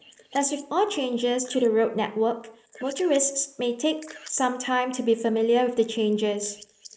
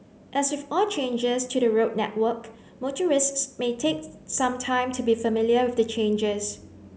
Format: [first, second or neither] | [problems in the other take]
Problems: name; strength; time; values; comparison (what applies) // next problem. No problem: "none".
second | noise reduction (neural mask model Resemble Enhance denoiser)